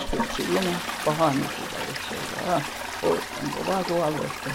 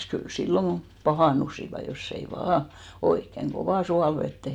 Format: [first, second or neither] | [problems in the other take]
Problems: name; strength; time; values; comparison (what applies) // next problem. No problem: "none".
second | background sound (Toilet flush); 4 dB below the speech